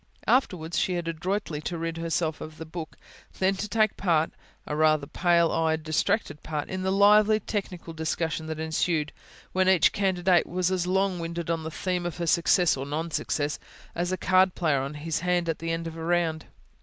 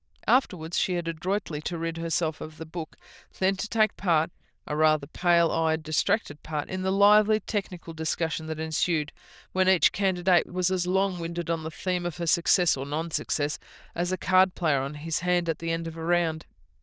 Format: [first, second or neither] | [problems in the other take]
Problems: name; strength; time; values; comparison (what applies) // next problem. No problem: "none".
first | noise reduction (neural diffusion model UNIVERSE++)